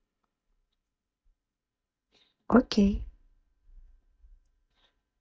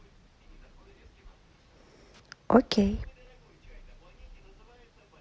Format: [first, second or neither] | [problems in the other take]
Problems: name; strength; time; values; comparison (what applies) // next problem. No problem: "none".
second | noise reduction (neural mask model DeepFilterNet 3)